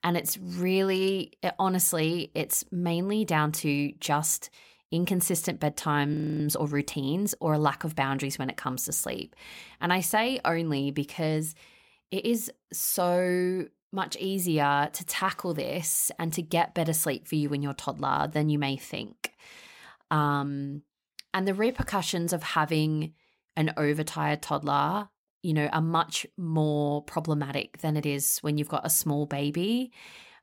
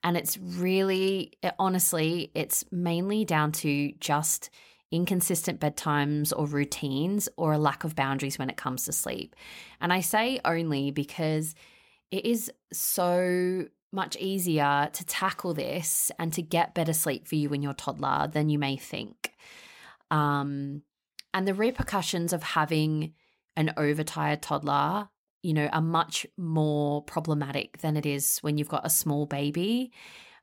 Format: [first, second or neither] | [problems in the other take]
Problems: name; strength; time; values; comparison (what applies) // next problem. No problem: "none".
second | audio freezing; at 6 s